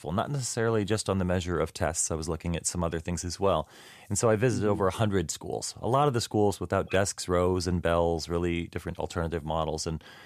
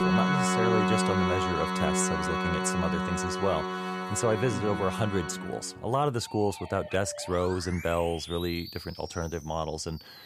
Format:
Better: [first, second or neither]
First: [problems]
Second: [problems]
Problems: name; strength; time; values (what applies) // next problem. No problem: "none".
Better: first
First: none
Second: background music; very loud; throughout; as loud as the speech